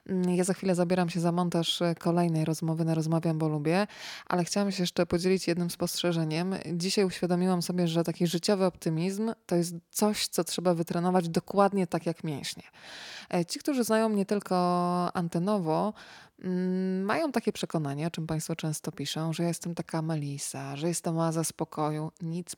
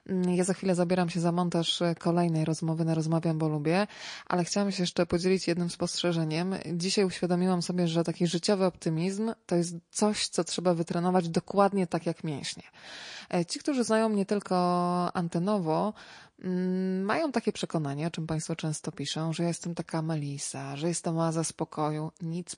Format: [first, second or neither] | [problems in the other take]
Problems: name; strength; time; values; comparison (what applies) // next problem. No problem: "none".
first | garbled, watery; slightly; nothing above 10 kHz